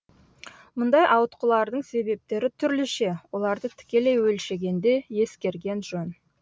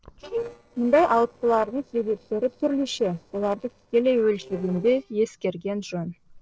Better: first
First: none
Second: noise reduction (neural separator model SepFormer DNS4)

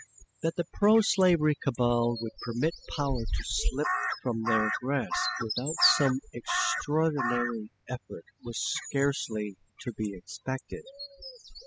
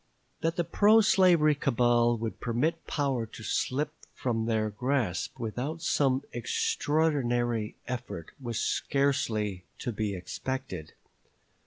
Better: second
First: noise reduction (classical method spectral subtraction)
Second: none

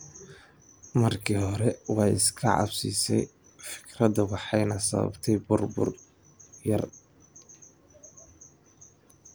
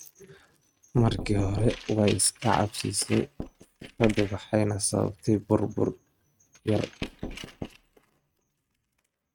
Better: first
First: none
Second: noise reduction (neural mask model RNNoise)

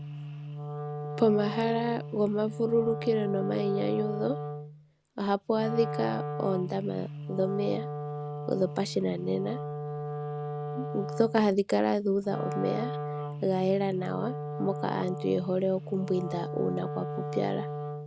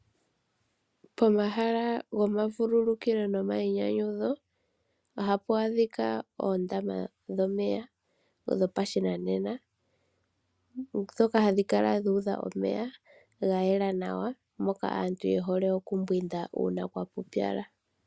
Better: second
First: background sound (Wind instrument, woodwind instrument); 6 dB below the speech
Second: none

